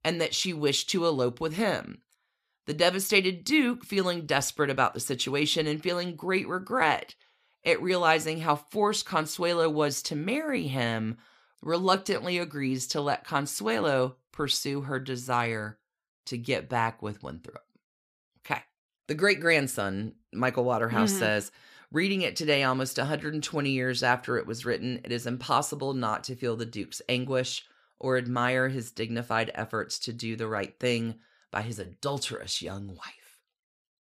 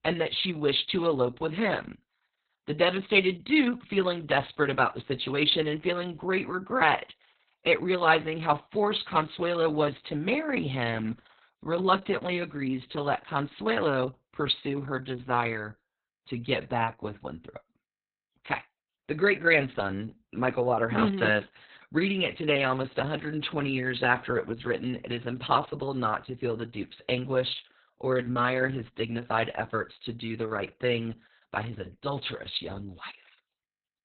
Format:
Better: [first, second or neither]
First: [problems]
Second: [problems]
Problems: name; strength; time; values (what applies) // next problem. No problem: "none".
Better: first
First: none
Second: garbled, watery; badly; nothing above 4 kHz